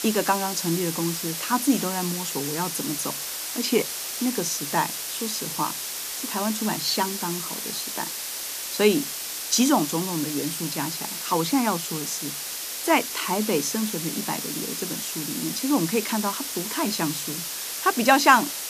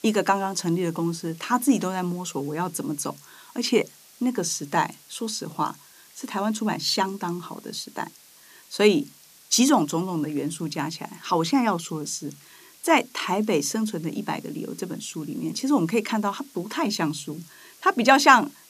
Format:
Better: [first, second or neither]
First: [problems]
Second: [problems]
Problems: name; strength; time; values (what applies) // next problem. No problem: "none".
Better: second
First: hiss; loud; throughout; 3 dB below the speech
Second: hiss; faint; throughout; 25 dB below the speech